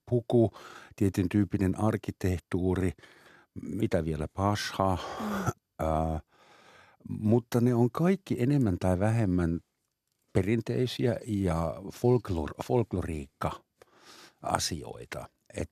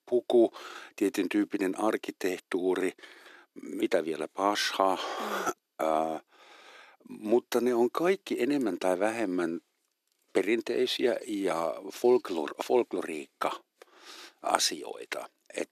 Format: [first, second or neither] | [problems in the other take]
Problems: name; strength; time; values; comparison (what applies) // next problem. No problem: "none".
first | thin; somewhat; fading below 300 Hz